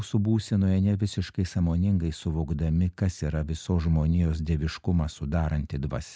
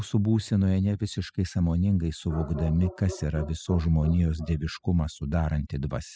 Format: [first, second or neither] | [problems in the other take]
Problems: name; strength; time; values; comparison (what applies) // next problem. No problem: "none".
first | noise reduction (classical method spectral subtraction)